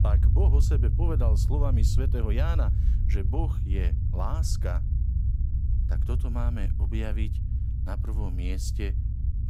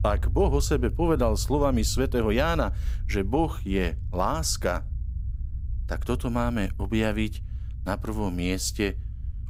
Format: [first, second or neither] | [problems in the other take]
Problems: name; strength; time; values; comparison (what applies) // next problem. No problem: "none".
second | low rumble; loud; throughout; 5 dB below the speech; faint in the second